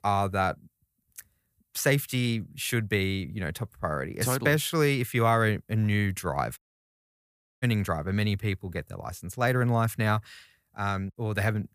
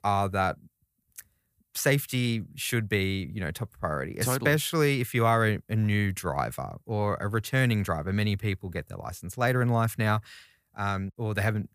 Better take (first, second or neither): second